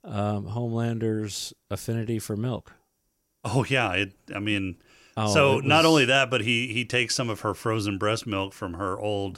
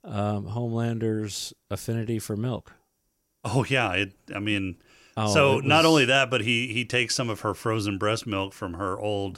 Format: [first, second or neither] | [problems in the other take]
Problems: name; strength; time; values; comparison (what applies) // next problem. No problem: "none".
neither | none